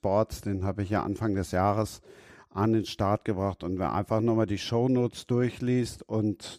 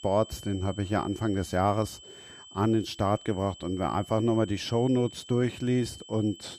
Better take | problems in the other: first | high-pitched whine; noticeable; throughout; 3 kHz, 20 dB below the speech

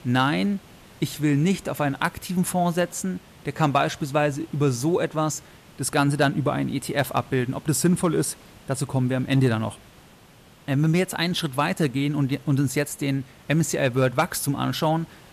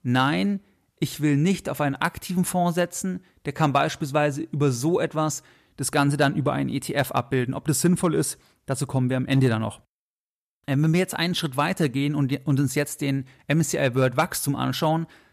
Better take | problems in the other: second | hiss; faint; throughout; 25 dB below the speech

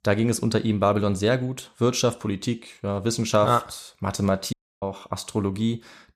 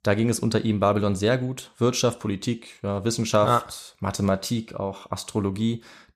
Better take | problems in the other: second | audio cutting out; at 4.5 s

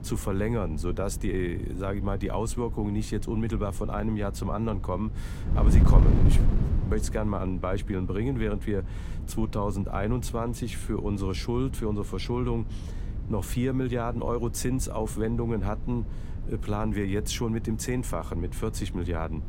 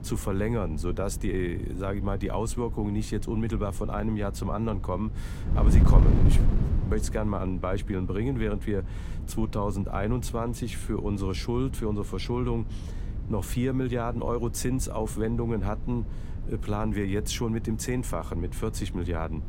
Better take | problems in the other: neither | wind noise on the microphone; occasional gusts; 10 dB below the speech; the same in both

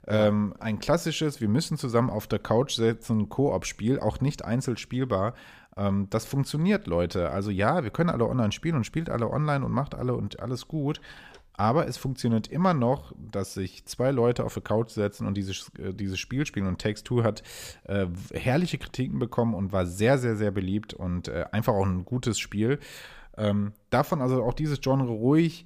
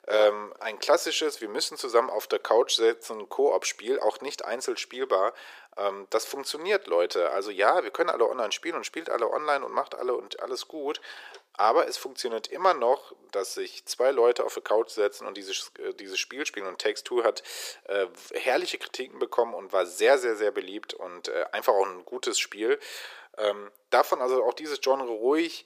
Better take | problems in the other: first | thin; very; fading below 350 Hz

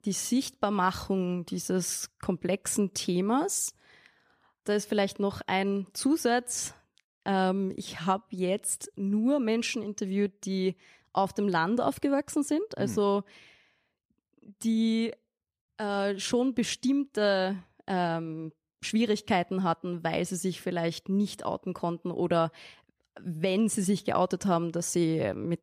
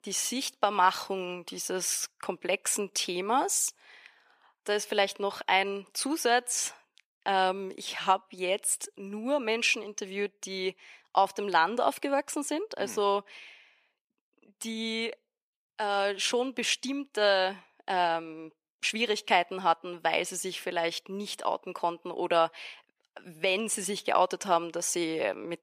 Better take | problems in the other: first | thin; somewhat; fading below 450 Hz

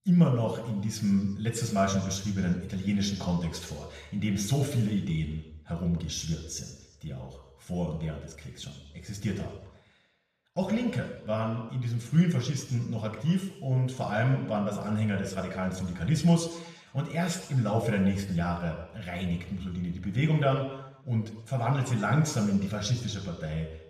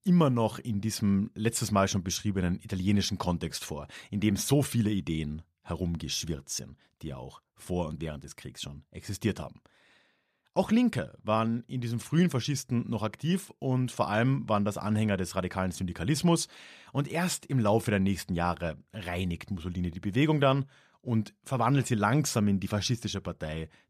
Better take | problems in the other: second | room echo; noticeable; dies away in 1 s // off-mic speech; somewhat distant

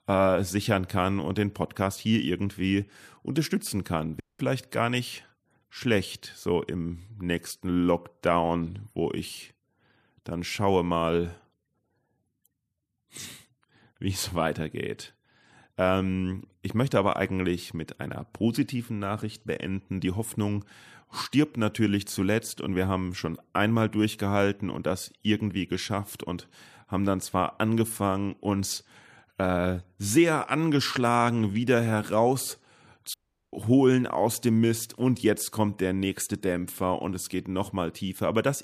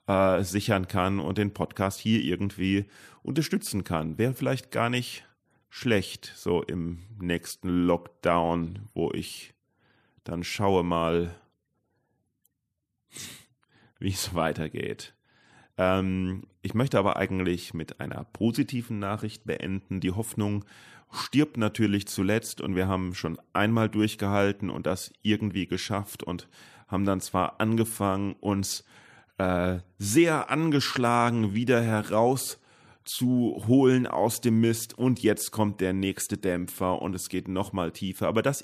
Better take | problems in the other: second | audio cutting out; at 4 s and at 33 s

